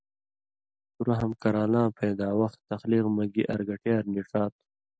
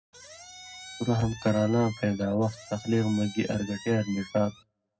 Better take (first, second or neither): first